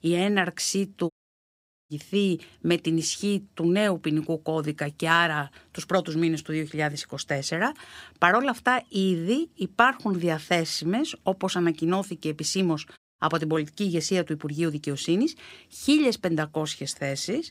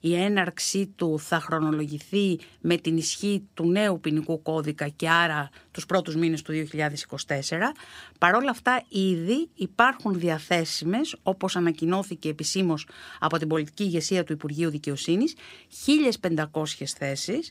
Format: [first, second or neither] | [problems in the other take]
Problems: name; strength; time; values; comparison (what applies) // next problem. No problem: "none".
second | audio cutting out; at 1 s for 1 s and at 13 s